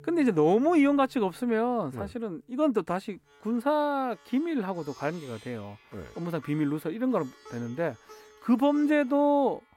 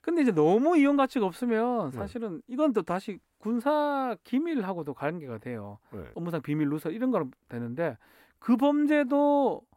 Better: second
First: background music; faint; throughout; 25 dB below the speech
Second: none

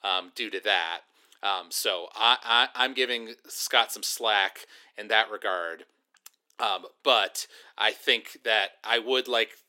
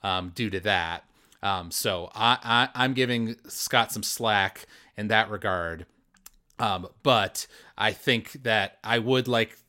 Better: second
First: thin; somewhat; fading below 350 Hz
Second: none

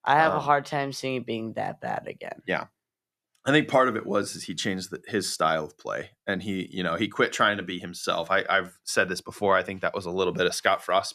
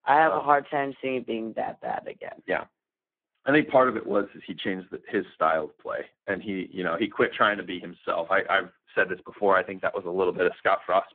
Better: first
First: none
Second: phone-call audio; poor line

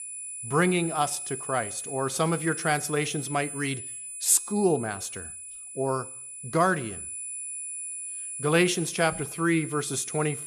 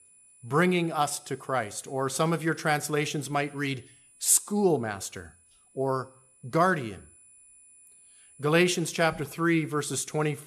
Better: second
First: high-pitched whine; loud; throughout; 10 kHz, 8 dB below the speech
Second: high-pitched whine; faint; throughout; 10 kHz, 25 dB below the speech

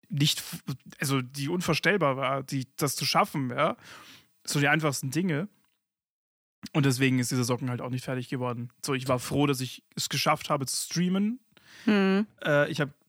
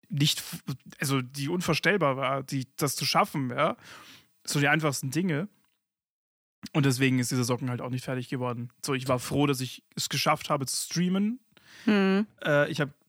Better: neither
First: none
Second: none

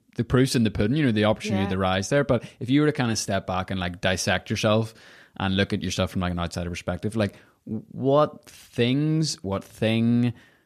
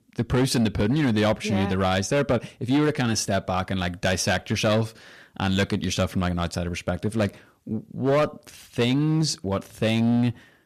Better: first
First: none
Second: distortion; slight; 8% of the sound clipped

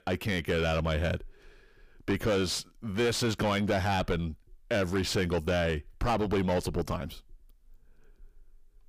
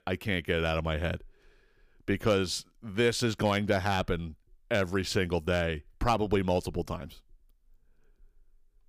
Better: second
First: distortion; heavy; 7 dB below the speech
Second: none

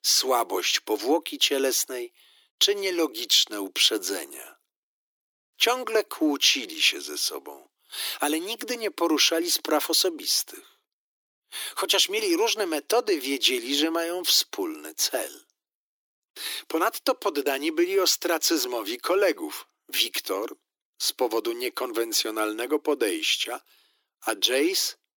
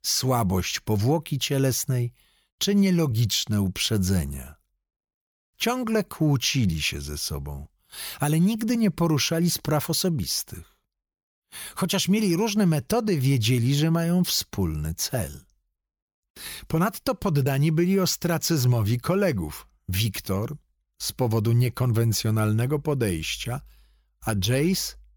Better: second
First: thin; very; fading below 300 Hz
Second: none

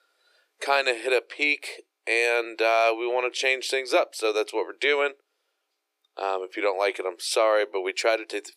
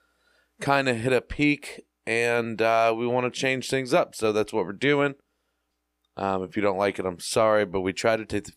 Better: second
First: thin; very; fading below 350 Hz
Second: none

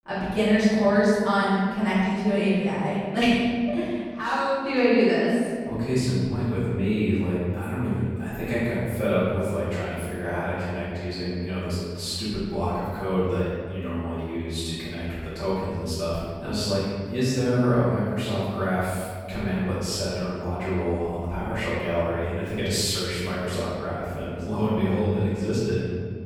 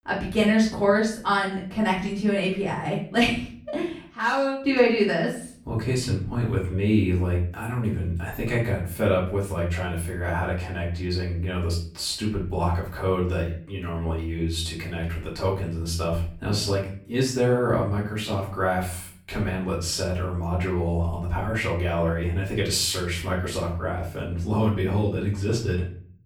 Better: second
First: room echo; strong; dies away in 2 s // off-mic speech; far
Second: room echo; slight; dies away in 0.5 s // off-mic speech; far

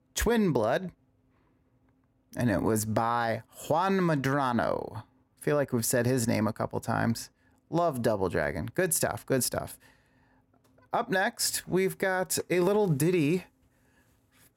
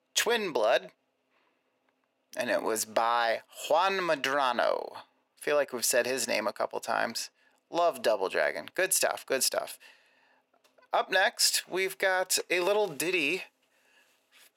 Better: first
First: none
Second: thin; very; fading below 500 Hz

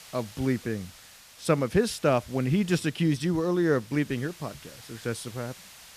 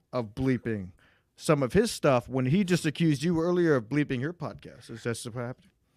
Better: second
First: hiss; faint; throughout; 20 dB below the speech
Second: none

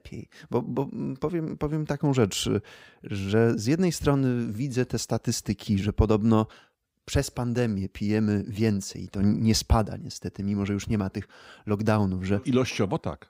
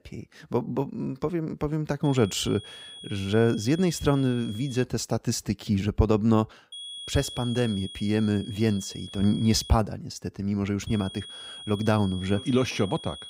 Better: first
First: none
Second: high-pitched whine; noticeable; from 2 to 5 s, from 6.5 to 9.5 s and from 11 s on; 3.5 kHz, 15 dB below the speech

